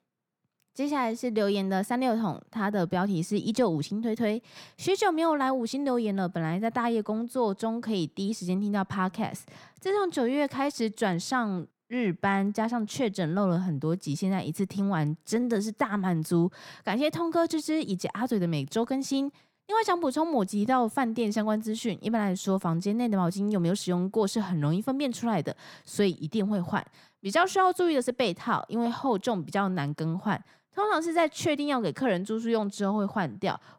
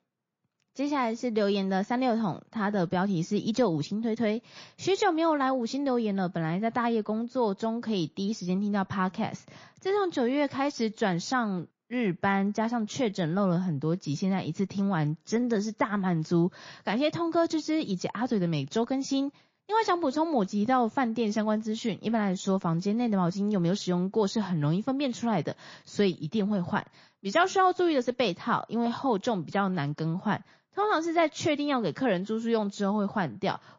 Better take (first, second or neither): first